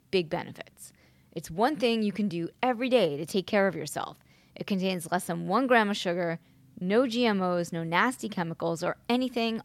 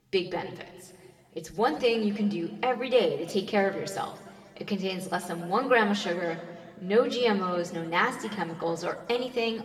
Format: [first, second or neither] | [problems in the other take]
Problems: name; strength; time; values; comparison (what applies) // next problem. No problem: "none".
first | room echo; slight; dies away in 1.7 s // off-mic speech; somewhat distant